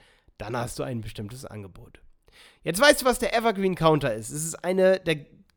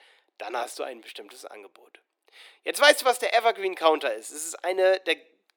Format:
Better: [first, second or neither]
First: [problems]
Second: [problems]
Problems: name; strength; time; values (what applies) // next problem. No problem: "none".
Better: first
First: none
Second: thin; very; fading below 350 Hz